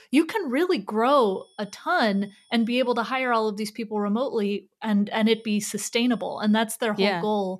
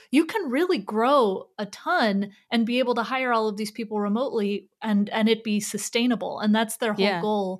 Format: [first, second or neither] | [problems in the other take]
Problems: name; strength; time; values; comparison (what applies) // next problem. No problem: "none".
second | high-pitched whine; faint; from 1.5 to 3.5 s and from 5 to 6.5 s; 3.5 kHz, 35 dB below the speech